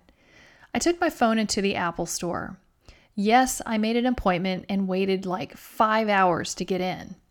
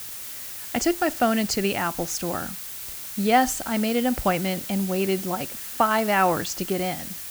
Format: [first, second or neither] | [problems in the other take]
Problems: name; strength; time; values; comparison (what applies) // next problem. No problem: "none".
first | hiss; loud; throughout; 8 dB below the speech